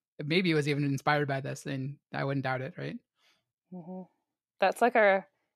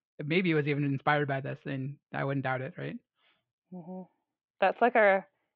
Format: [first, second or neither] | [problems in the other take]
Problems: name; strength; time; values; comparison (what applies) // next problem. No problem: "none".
first | muffled; very; fading above 3.5 kHz